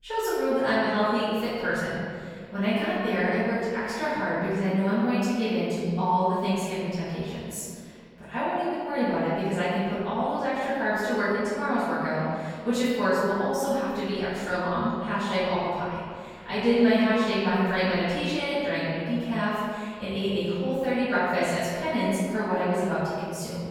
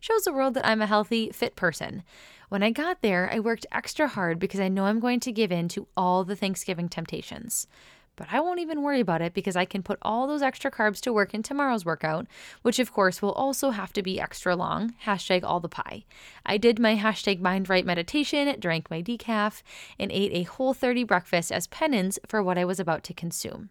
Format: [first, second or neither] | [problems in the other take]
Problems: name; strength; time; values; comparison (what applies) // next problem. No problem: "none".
second | off-mic speech; far // room echo; strong; dies away in 1.8 s